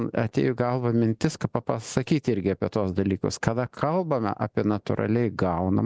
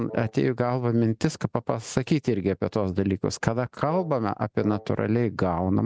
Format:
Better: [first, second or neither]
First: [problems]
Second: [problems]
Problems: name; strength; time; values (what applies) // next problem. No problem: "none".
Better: first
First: none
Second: noise reduction (neural mask model RNNoise)